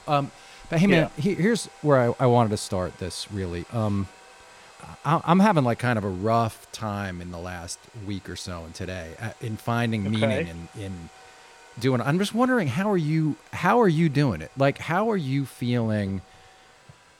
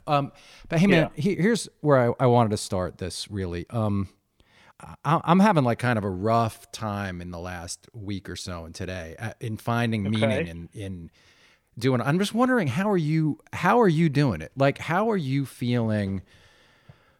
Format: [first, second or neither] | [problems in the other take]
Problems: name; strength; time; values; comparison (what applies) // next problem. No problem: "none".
second | household noises; faint; throughout; 25 dB below the speech